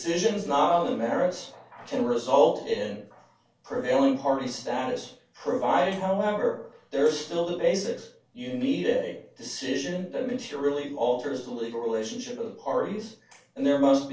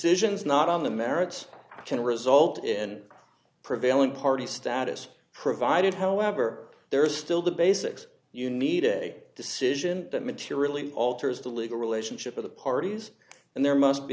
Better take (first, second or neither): second